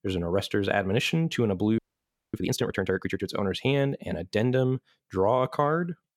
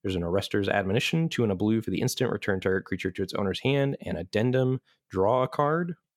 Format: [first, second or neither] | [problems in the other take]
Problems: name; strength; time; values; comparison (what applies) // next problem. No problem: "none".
second | audio freezing; at 2 s for 0.5 s